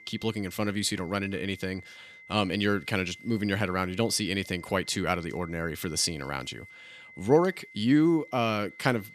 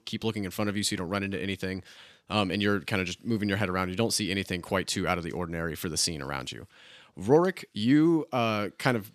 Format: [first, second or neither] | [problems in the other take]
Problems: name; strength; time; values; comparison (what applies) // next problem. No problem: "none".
second | high-pitched whine; noticeable; throughout; 2 kHz, 20 dB below the speech